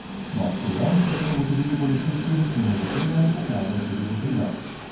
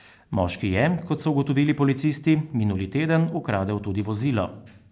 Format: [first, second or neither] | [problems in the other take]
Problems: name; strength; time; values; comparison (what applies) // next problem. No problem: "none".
second | background sound (Train); 6 dB below the speech // room echo; dies away in 0.9 s